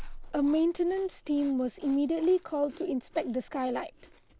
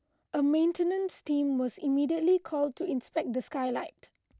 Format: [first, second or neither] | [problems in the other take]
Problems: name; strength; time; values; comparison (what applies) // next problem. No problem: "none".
second | background sound (Chewing, mastication); 17 dB below the speech